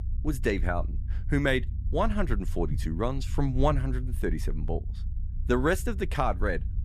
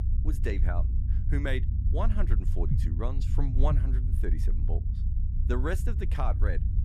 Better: first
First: low rumble; faint; throughout; 20 dB below the speech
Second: low rumble; loud; throughout; 9 dB below the speech

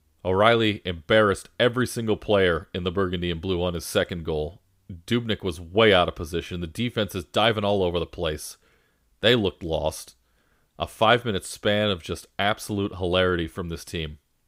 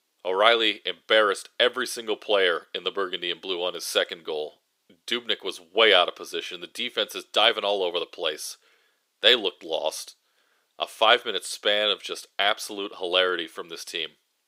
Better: first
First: none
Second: thin; very; fading below 400 Hz

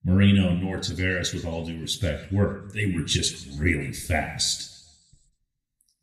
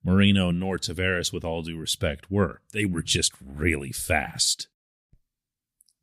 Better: second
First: room echo; slight; dies away in 0.8 s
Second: none

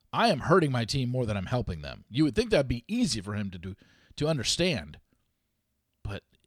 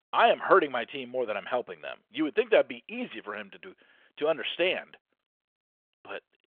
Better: first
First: none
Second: phone-call audio; nothing above 3.5 kHz

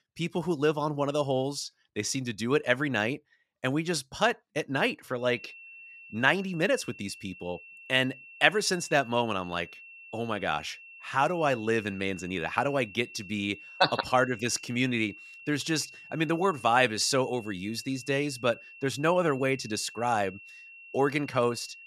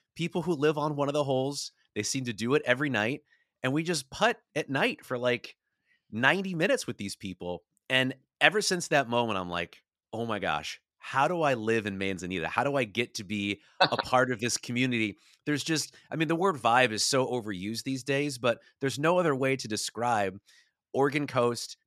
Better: second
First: high-pitched whine; noticeable; from 5 s on; 2.5 kHz, 20 dB below the speech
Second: none

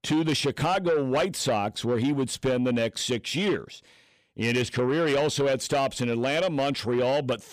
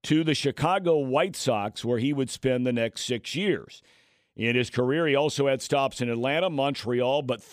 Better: second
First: distortion; slight; 10 dB below the speech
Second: none

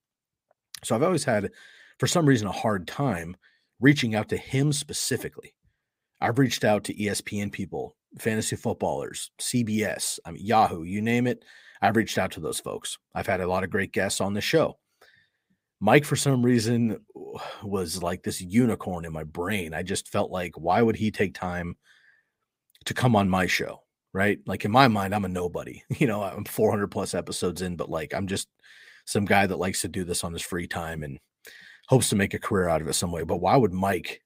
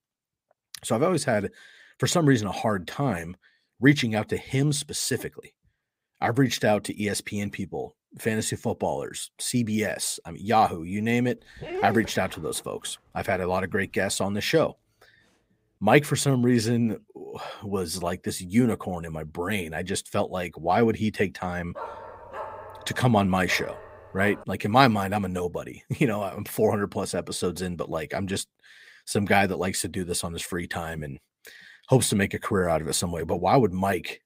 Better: first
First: none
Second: dog barking; noticeable; from 12 to 13 s; peak 7 dB below the speech // dog barking; faint; from 22 to 24 s; peak 10 dB below the speech

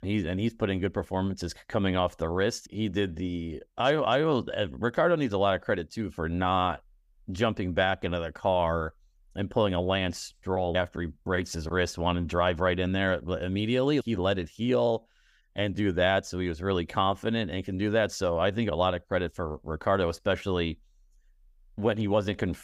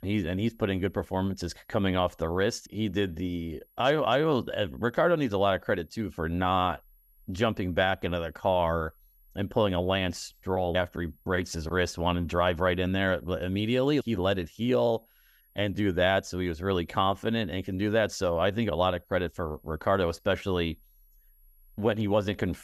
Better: first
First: none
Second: high-pitched whine; faint; throughout; 11.5 kHz, 35 dB below the speech

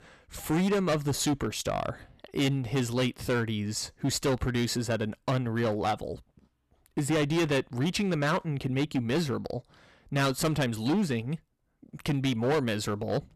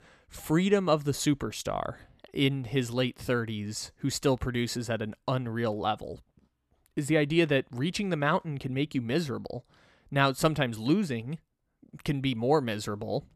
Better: second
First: distortion; heavy; 11% of the sound clipped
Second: none

